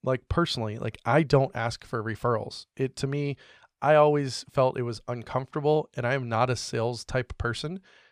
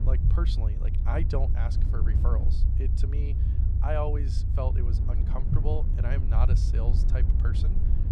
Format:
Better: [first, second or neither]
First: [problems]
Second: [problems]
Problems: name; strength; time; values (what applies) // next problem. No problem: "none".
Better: first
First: none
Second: low rumble; loud; throughout; 5 dB below the speech